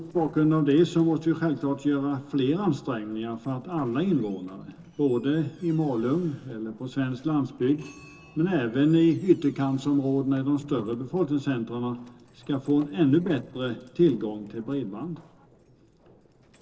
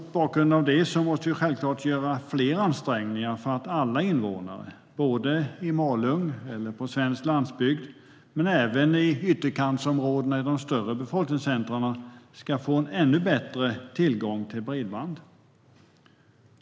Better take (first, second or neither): second